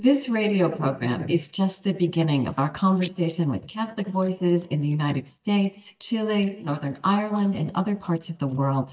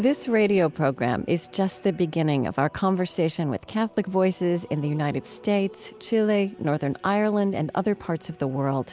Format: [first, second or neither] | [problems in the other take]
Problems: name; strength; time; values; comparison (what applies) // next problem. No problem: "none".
second | noise reduction (neural mask model DeepFilterNet 3)